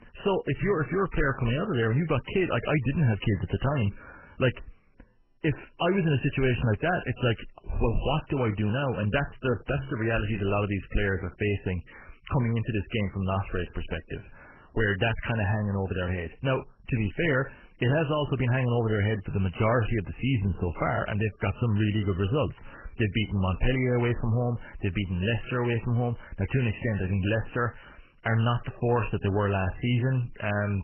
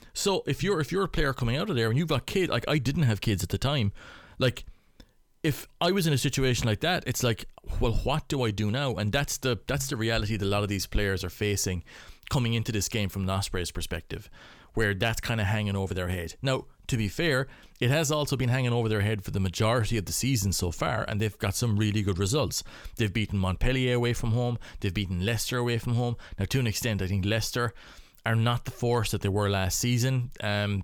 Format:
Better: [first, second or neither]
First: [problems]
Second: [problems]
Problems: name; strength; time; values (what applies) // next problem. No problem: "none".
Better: second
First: garbled, watery; badly; nothing above 3 kHz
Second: none